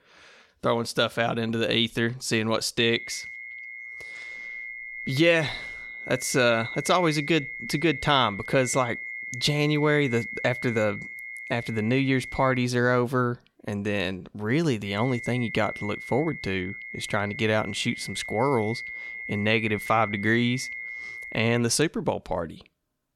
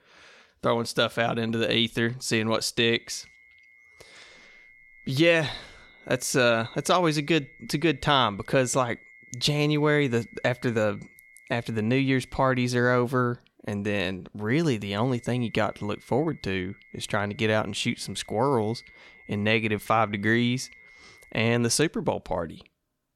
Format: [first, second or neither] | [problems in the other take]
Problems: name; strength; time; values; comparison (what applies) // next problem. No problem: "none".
second | high-pitched whine; loud; from 3 to 13 s and from 15 to 22 s; 2 kHz, 10 dB below the speech; faint in the second